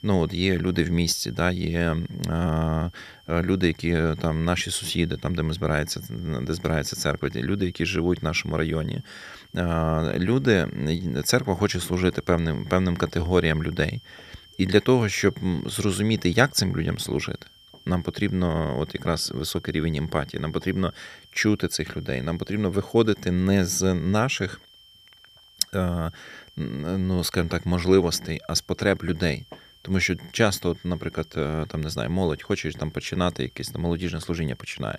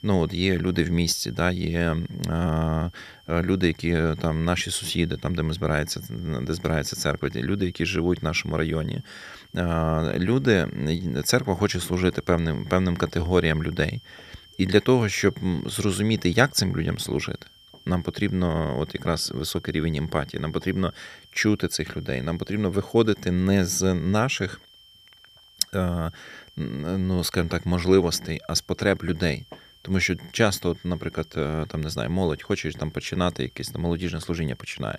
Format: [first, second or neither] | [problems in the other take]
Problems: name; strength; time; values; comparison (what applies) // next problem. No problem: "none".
neither | high-pitched whine; faint; throughout; 3 kHz, 25 dB below the speech; the same in both